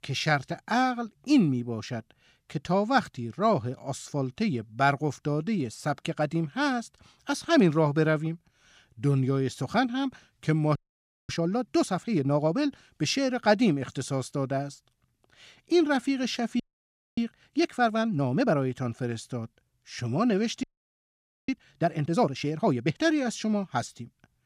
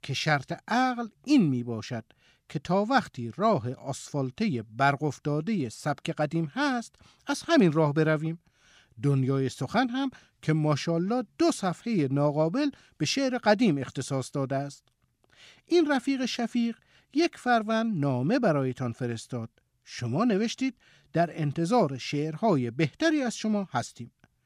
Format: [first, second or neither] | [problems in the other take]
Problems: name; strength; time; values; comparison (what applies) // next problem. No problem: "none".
second | audio freezing; at 11 s for 0.5 s, at 17 s for 0.5 s and at 21 s for 1 s